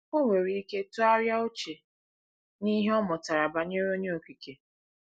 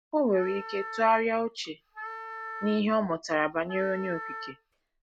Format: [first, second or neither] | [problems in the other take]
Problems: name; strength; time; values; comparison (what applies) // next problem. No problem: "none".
first | background sound (Wind instrument, woodwind instrument); 12 dB below the speech